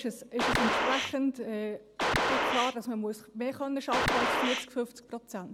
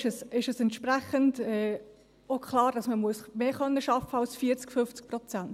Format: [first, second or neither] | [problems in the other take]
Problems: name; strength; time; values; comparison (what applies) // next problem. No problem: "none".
second | background sound (Gunshot, gunfire); 4 dB above the speech